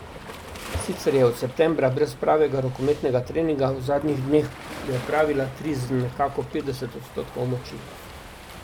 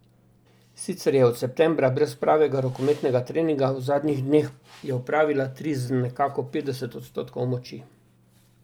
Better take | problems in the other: second | background sound (Waves, surf); 14 dB below the speech

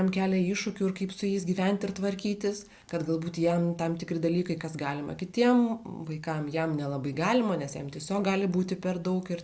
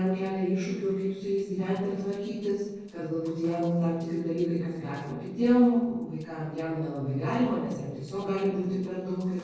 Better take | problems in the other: first | noise reduction (neural separator model SepFormer DNS4)

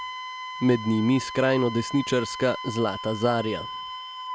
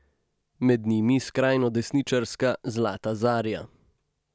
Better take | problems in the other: second | background sound (Wind instrument, woodwind instrument); 10 dB below the speech

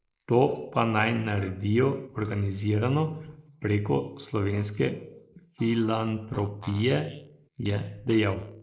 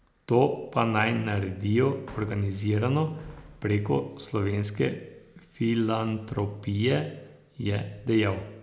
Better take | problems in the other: second | noise reduction (neural mask model Resemble Enhance denoiser)

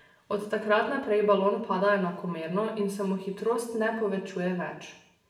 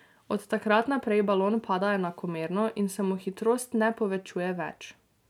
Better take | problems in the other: second | room echo; dies away in 0.7 s

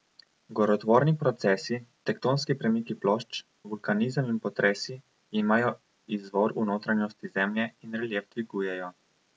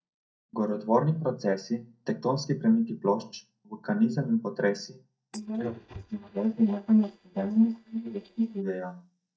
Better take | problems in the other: first | noise reduction (neural mask model DeepFilterNet 3)

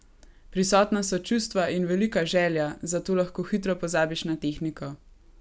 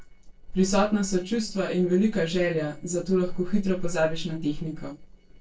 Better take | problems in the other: first | noise reduction (neural separator model SepFormer DNS4)

